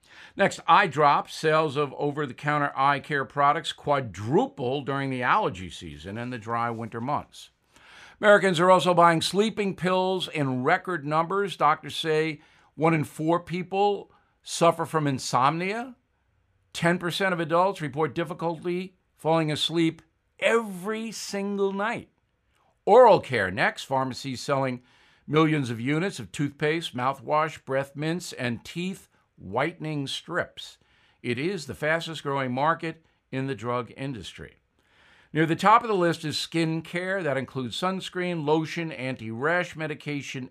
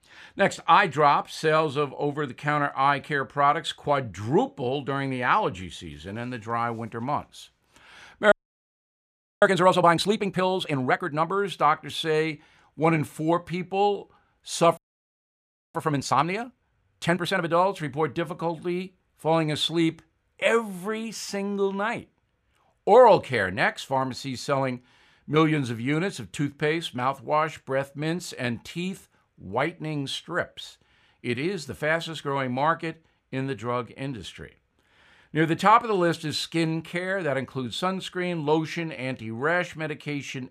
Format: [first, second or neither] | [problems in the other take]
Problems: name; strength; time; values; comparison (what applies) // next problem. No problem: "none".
first | audio freezing; at 8.5 s for 1 s and at 15 s for 1 s